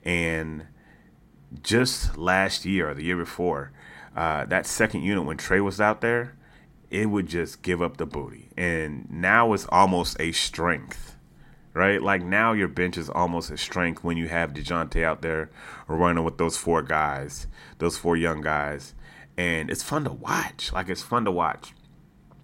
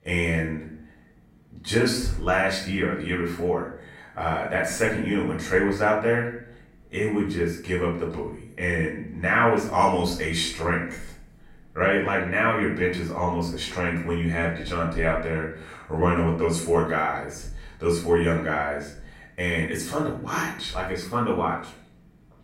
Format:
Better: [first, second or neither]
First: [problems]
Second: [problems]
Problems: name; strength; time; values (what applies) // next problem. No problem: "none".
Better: first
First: none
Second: off-mic speech; far // room echo; noticeable; dies away in 0.5 s